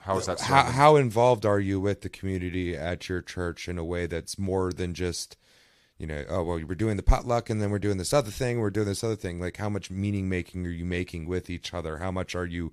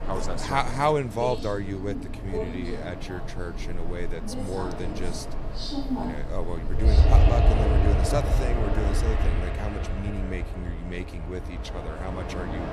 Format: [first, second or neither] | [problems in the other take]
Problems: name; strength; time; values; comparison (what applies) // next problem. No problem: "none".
first | train or aircraft noise; very loud; throughout; 4 dB above the speech